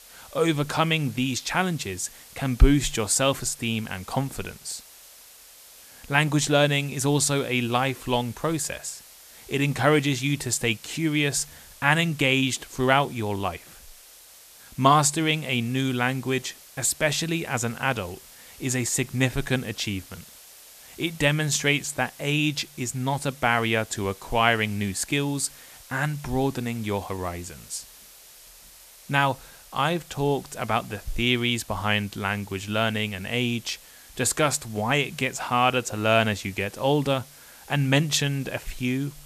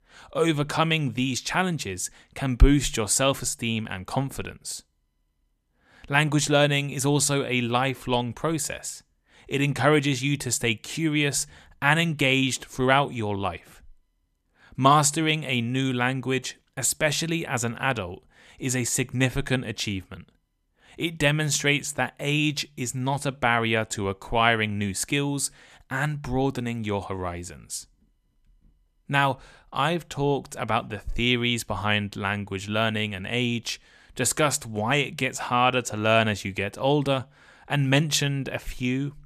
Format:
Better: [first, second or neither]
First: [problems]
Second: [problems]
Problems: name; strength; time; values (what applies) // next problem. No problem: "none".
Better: second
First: hiss; faint; throughout; 20 dB below the speech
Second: none